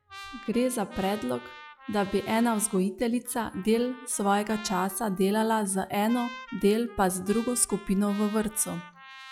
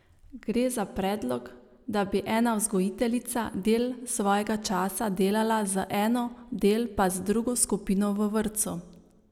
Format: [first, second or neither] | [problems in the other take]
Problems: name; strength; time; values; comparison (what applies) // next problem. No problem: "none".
second | noise reduction (classical method log-MMSE)